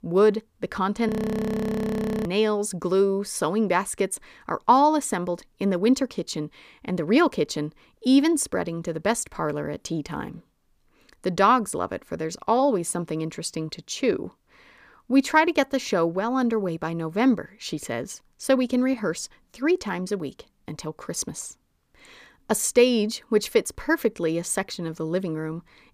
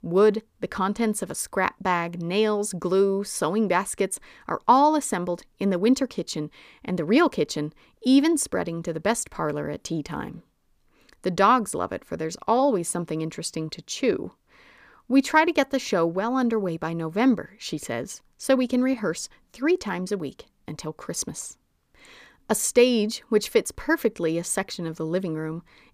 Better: second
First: audio freezing; at 1 s for 1 s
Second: none

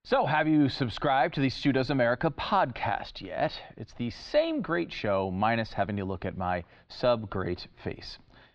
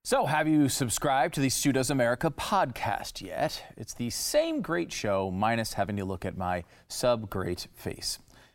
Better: second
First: muffled; slightly; fading above 4 kHz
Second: none

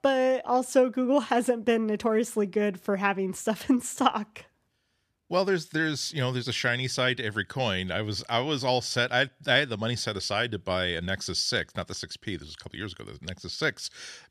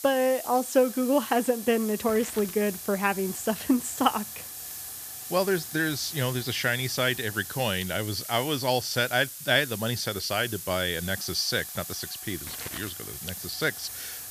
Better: first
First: none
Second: hiss; loud; throughout; 9 dB below the speech

